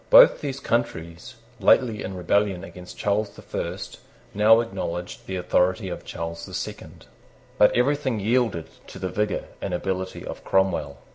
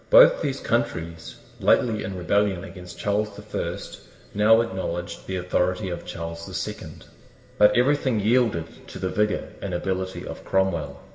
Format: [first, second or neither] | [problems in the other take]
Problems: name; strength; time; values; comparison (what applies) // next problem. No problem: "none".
first | room echo; dies away in 1.4 s